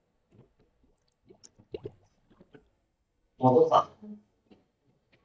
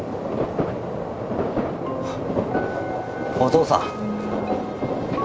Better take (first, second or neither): second